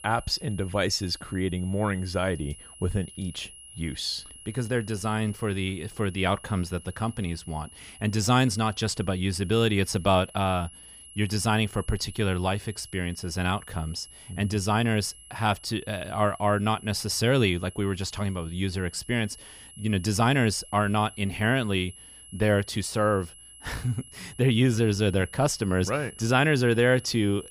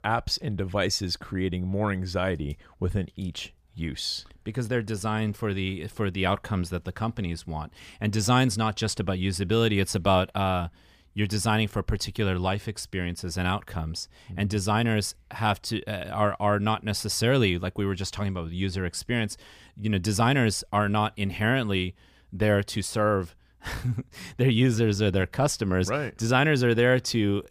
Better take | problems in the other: second | high-pitched whine; noticeable; throughout; 11 kHz, 20 dB below the speech

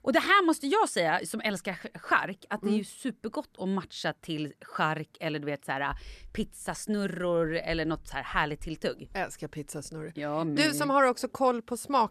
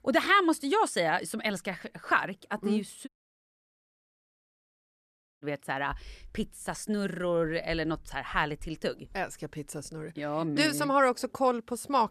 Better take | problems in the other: first | audio cutting out; at 3 s for 2.5 s

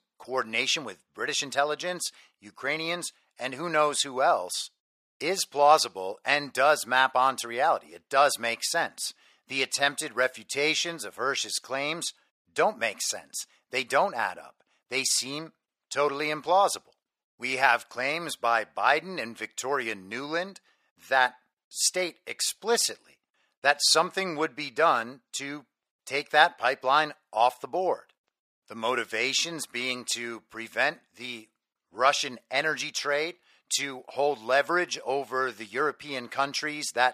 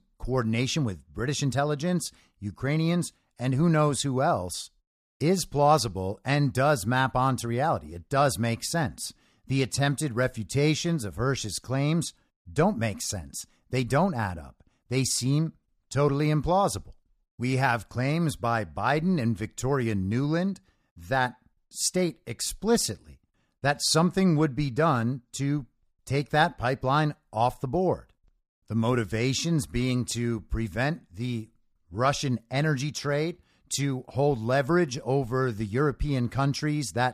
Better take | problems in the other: second | thin; very; fading below 600 Hz

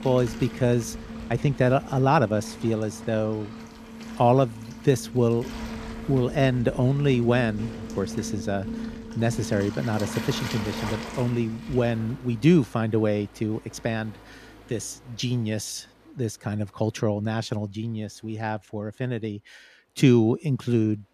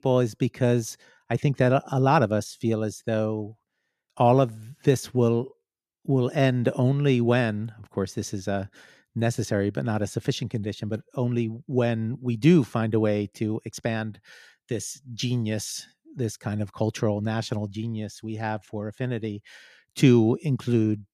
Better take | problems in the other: second | rain or running water; noticeable; throughout; 10 dB below the speech

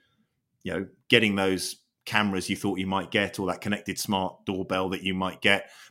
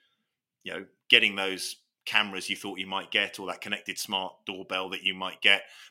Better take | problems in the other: first | thin; somewhat; fading below 1 kHz

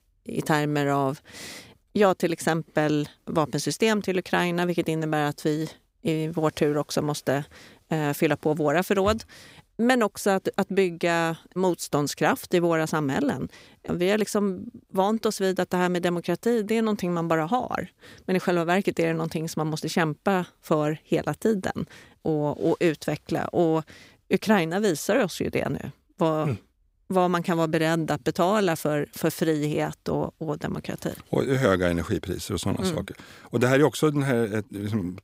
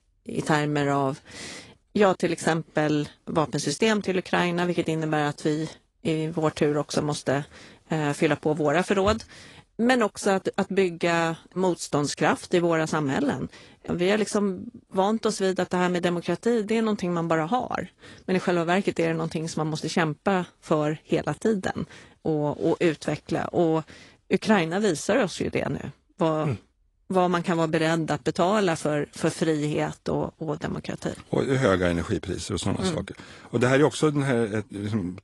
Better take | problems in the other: first | garbled, watery; slightly; nothing above 10.5 kHz

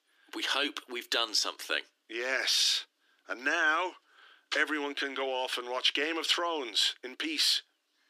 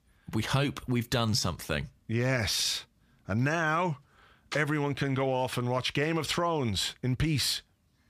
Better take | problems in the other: second | thin; very; fading below 300 Hz

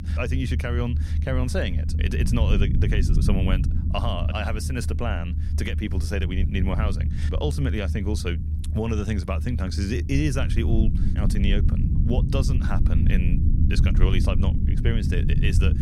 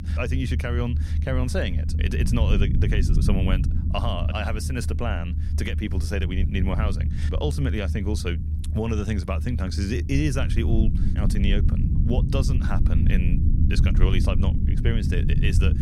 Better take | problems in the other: neither | low rumble; loud; throughout; 7 dB below the speech; the same in both

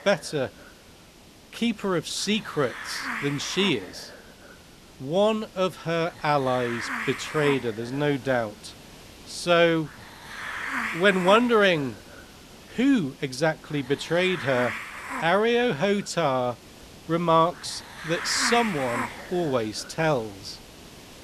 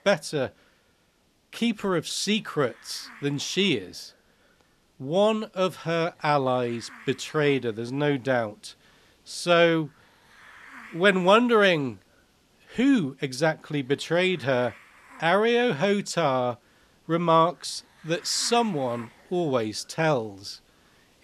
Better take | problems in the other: second | hiss; loud; throughout; 10 dB below the speech; faint in the second

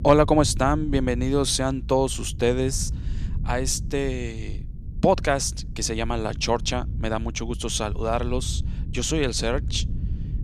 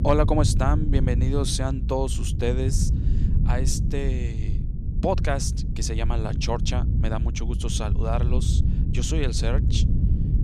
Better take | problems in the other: first | low rumble; loud; throughout; 9 dB below the speech; faint in the first

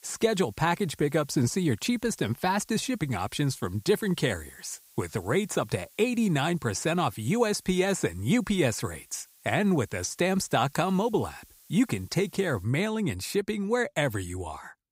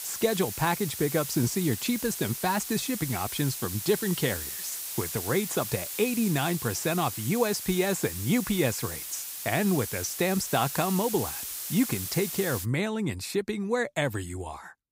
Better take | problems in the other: first | hiss; loud; until 13 s; 5 dB below the speech; faint in the first

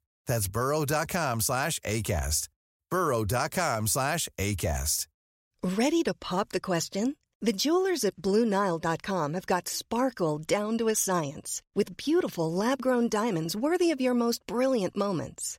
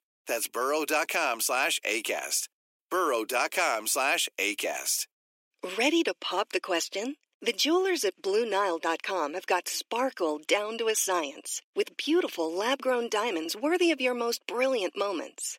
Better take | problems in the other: first | thin; somewhat; fading below 300 Hz

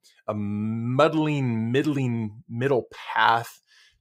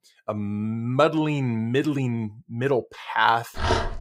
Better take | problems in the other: first | dog barking; noticeable; at 3.5 s; peak level with the speech

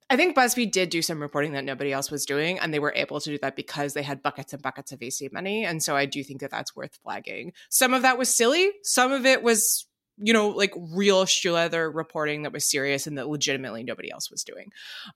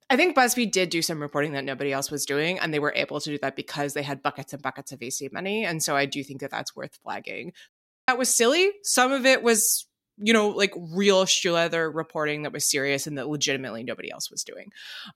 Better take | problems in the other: first | audio cutting out; at 7.5 s

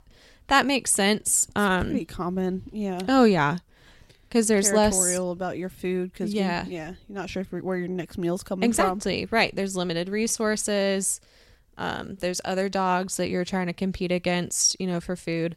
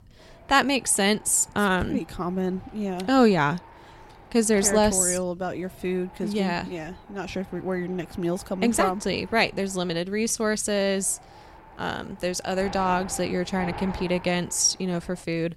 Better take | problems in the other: first | wind noise on the microphone; occasional gusts; 20 dB below the speech

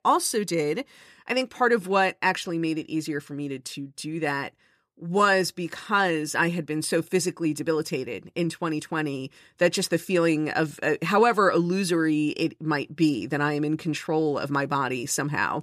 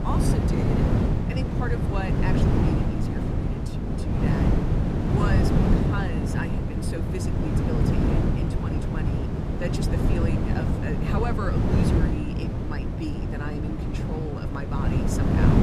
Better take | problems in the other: first | wind noise on the microphone; heavy; 4 dB above the speech

